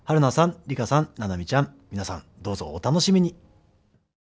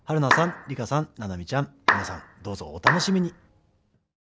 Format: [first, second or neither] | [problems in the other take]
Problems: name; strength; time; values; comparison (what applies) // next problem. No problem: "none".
first | background sound (Clapping); 2 dB above the speech